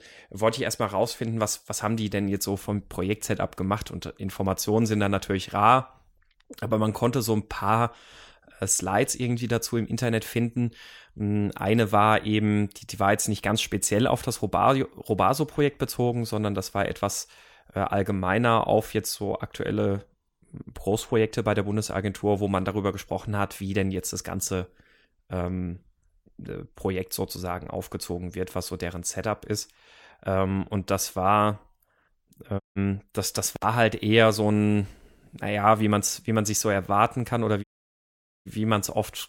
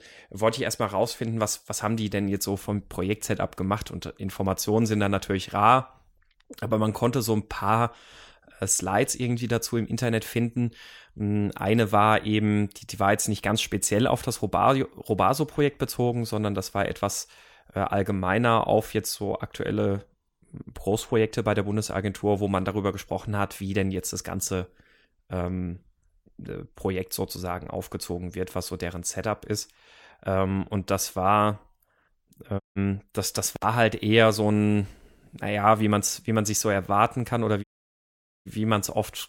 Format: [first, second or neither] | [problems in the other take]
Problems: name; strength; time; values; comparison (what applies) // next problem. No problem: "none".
neither | audio cutting out; at 33 s and at 38 s for 1 s; the same in both